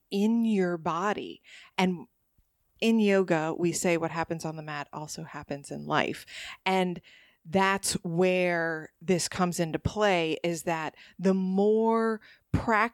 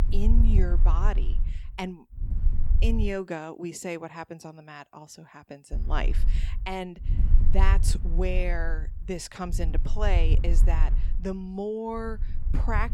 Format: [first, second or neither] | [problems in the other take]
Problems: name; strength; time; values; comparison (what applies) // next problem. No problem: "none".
first | wind noise on the microphone; occasional gusts; until 3 s and from 5.5 s on; 10 dB below the speech